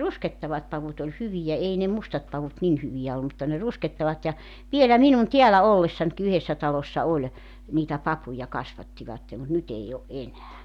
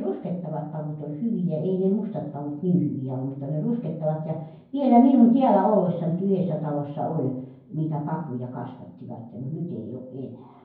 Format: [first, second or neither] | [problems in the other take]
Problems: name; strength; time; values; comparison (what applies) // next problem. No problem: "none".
first | room echo; dies away in 0.9 s